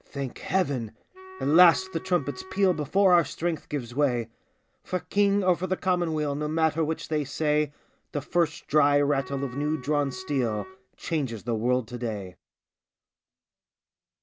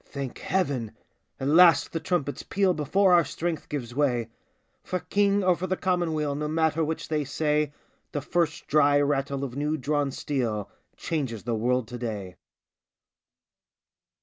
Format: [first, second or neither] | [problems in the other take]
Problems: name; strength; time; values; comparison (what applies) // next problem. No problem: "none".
second | background sound (Wind instrument, woodwind instrument); 19 dB below the speech